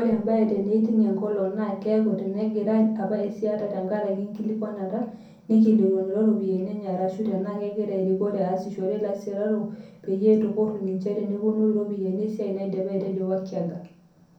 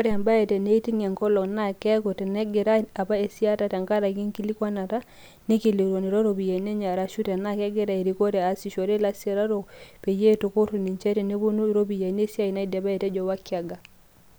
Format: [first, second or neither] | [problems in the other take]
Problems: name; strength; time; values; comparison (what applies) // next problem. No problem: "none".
second | room echo; dies away in 0.6 s